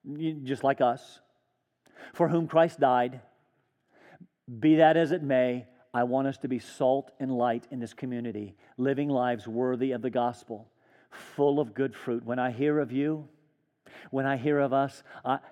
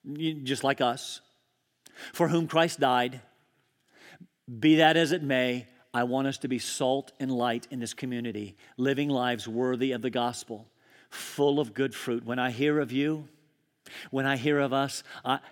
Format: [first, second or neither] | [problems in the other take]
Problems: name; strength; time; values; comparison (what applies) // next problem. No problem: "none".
second | muffled; very; fading above 2.5 kHz